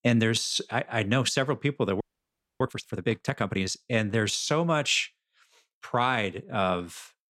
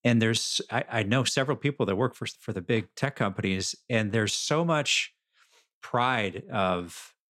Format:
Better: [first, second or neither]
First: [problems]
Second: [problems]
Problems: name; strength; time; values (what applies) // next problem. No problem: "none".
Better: second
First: audio freezing; at 2 s for 0.5 s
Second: none